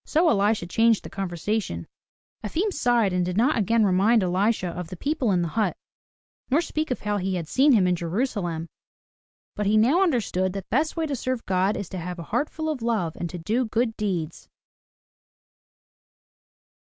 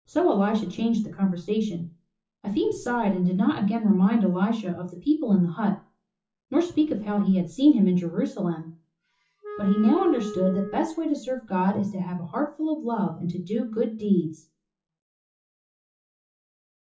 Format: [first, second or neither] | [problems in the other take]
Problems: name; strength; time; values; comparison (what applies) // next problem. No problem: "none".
first | noise reduction (classical method WPE with log-MMSE)